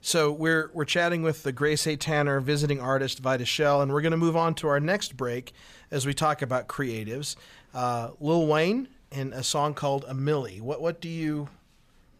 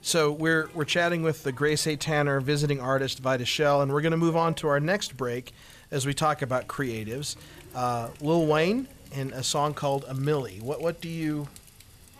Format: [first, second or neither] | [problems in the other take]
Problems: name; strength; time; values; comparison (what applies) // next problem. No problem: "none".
first | household noises; faint; throughout; 25 dB below the speech